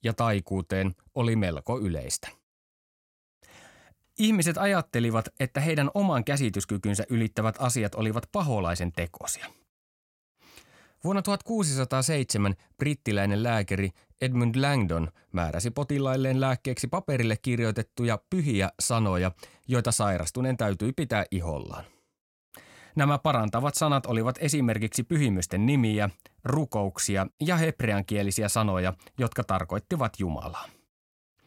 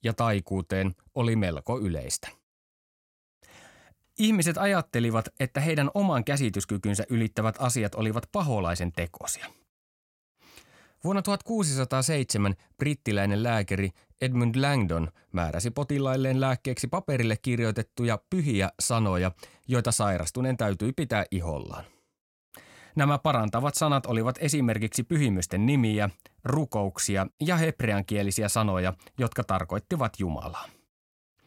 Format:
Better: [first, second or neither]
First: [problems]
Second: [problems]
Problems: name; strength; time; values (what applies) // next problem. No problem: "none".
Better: neither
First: none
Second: none